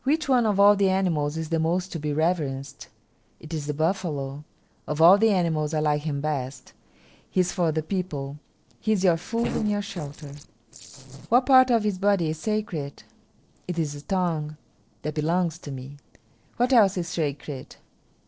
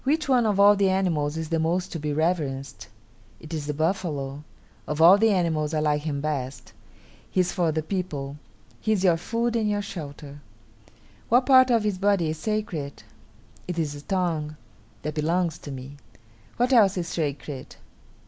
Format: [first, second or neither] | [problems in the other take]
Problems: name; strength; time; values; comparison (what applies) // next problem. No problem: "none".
second | noise reduction (neural separator model SepFormer DNS4)